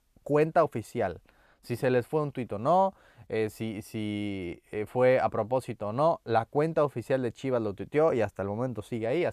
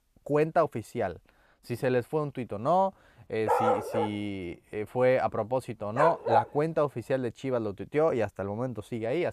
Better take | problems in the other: first | dog barking; loud; from 3.5 to 6.5 s; peak 4 dB above the speech

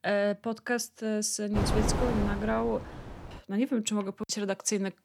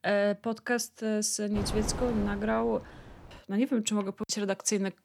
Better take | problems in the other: second | wind noise on the microphone; heavy; from 1.5 to 3.5 s; 4 dB below the speech; occasional gusts in the second

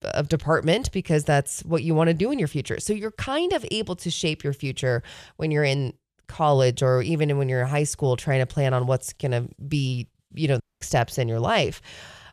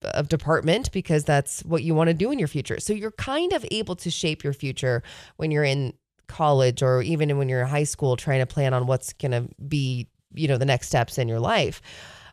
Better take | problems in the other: second | audio cutting out; at 11 s

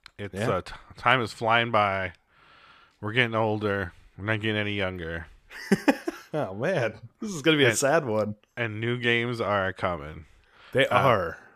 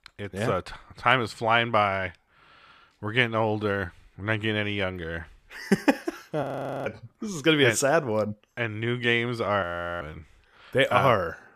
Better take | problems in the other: first | audio freezing; at 6.5 s and at 9.5 s

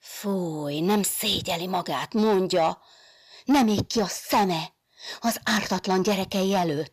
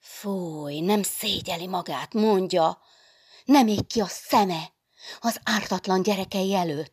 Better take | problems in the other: second | distortion; slight; 10 dB below the speech

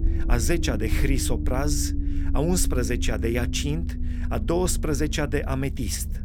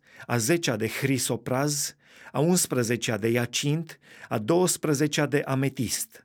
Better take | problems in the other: second | low rumble; noticeable; throughout; 10 dB below the speech

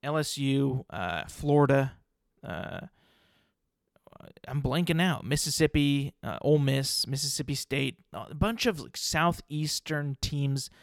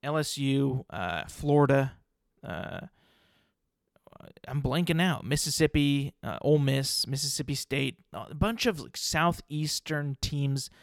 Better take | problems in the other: neither | none

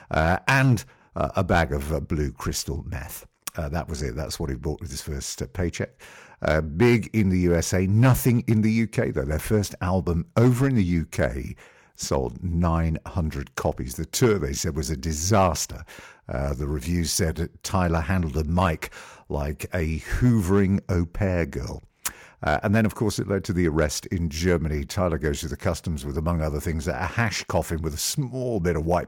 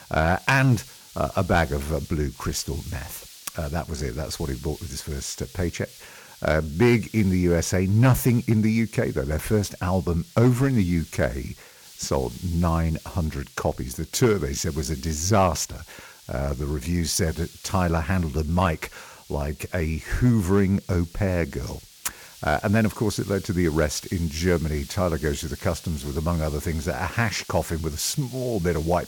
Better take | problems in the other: first | hiss; noticeable; throughout; 20 dB below the speech

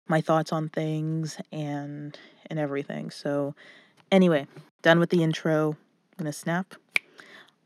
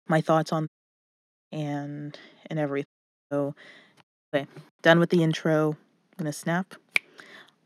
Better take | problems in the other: first | audio cutting out; at 0.5 s for 1 s, at 3 s and at 4 s

